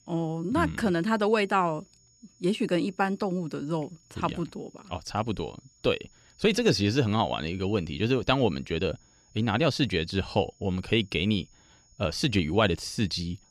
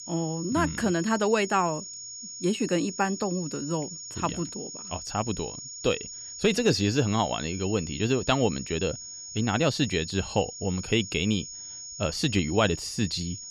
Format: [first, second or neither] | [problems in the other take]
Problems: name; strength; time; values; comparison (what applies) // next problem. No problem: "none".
first | high-pitched whine; loud; throughout; 6.5 kHz, 10 dB below the speech; faint in the first